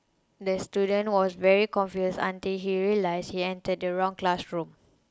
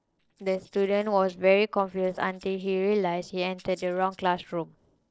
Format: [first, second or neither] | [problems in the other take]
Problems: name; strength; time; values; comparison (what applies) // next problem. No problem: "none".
first | noise reduction (neural separator model SepFormer DNS4)